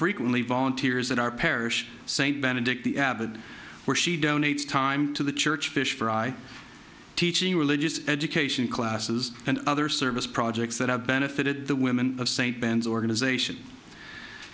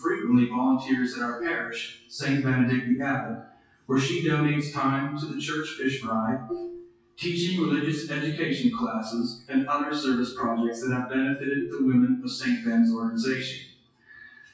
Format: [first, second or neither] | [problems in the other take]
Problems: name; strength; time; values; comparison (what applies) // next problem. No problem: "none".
first | noise reduction (classical method WPE with log-MMSE)